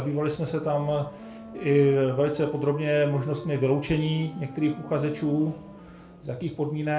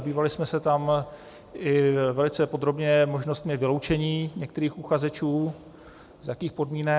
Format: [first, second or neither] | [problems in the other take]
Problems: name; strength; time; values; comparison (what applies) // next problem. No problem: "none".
second | background sound (Wind instrument, woodwind instrument); 18 dB below the speech // room echo; dies away in 0.3 s